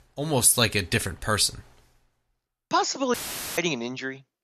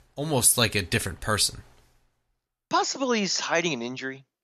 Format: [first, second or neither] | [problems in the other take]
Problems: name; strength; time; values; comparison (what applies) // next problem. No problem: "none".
second | audio cutting out; filled with static; at 3 s